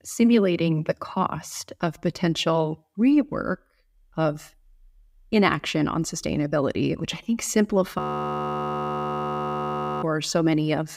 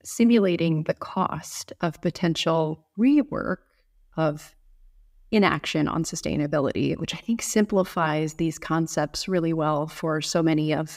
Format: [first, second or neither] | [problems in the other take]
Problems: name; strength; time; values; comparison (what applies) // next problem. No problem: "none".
second | audio freezing; at 8 s for 2 s